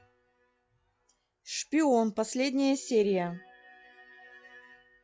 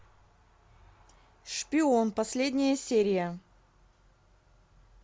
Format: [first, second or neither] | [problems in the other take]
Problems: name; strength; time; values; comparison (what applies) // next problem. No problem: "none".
second | noise reduction (classical method log-MMSE)